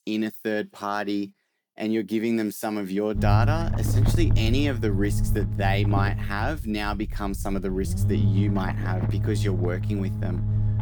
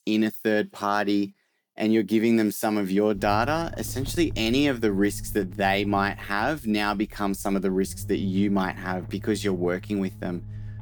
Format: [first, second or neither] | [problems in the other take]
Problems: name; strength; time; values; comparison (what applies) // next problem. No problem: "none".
second | low rumble; loud; from 3 s on; 8 dB below the speech; faint in the second